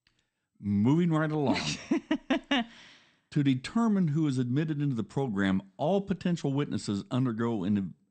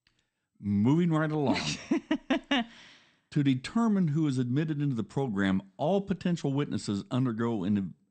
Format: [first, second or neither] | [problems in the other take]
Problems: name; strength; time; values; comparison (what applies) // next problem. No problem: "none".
neither | garbled, watery; slightly; nothing above 8.5 kHz; the same in both